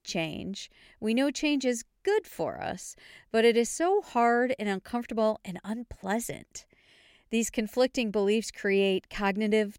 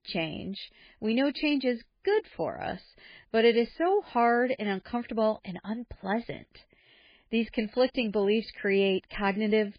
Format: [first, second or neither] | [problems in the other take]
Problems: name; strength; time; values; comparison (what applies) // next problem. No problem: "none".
first | garbled, watery; badly; nothing above 5 kHz